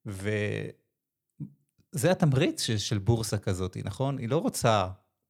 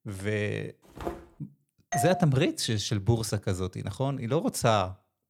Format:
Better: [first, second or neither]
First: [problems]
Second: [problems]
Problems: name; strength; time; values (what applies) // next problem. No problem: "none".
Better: first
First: none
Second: footsteps; faint; at 1 s; peak 10 dB below the speech // doorbell; noticeable; at 2 s; peak 3 dB below the speech